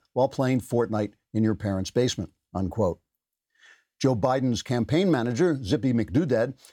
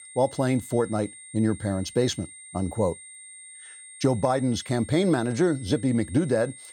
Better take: first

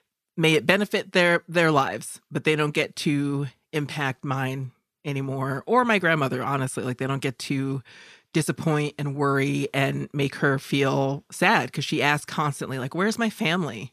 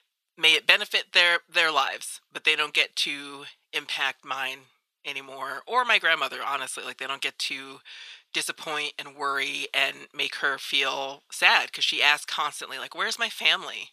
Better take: first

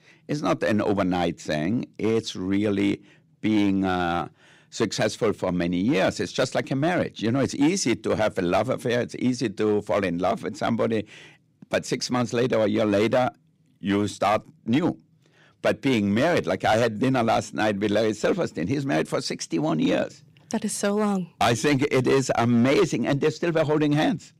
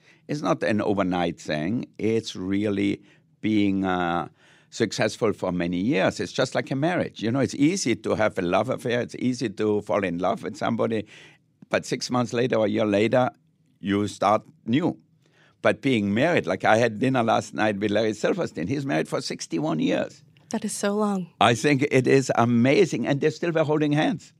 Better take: second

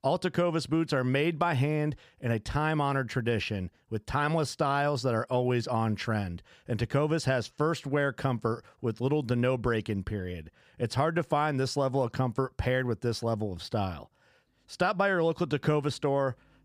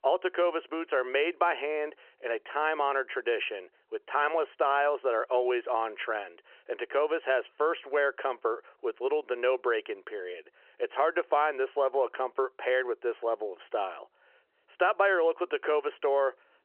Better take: first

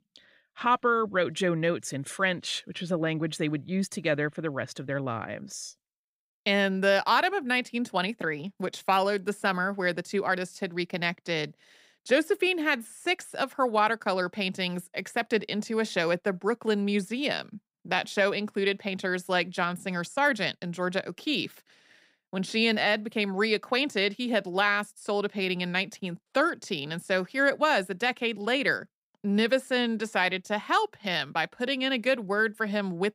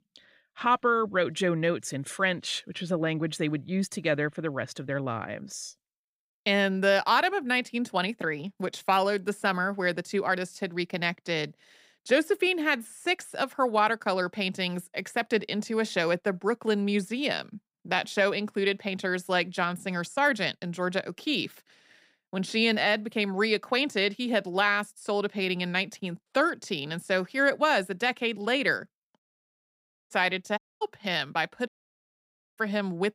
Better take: first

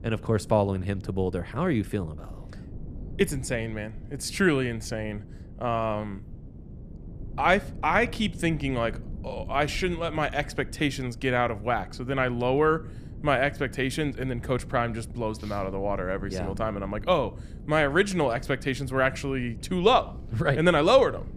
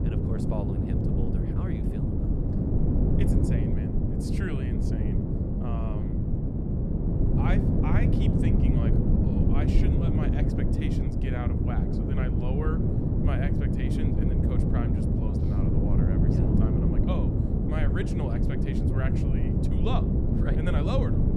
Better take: first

